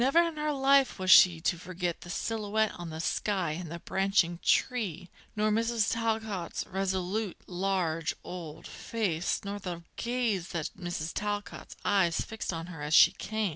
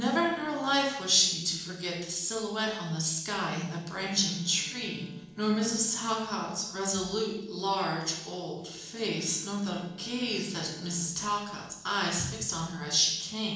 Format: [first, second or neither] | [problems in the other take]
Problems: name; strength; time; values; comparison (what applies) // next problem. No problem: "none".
first | noise reduction (neural separator model SepFormer DNS4)